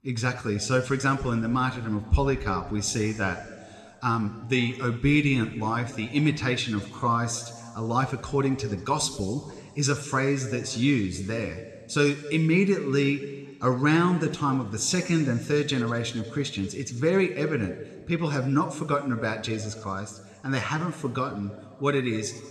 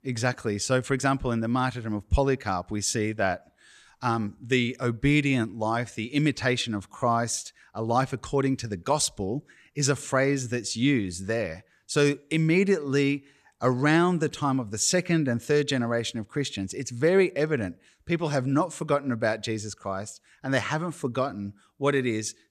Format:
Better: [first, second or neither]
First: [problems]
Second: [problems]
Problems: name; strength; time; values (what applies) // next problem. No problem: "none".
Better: second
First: room echo; slight; dies away in 1.5 s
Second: none